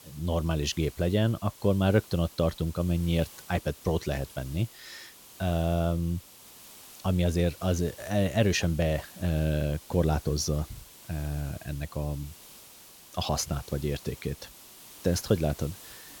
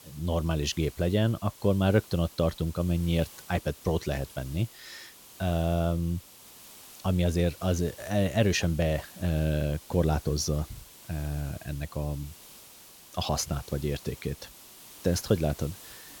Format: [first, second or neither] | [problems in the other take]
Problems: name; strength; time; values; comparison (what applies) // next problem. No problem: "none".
neither | hiss; noticeable; throughout; 20 dB below the speech; the same in both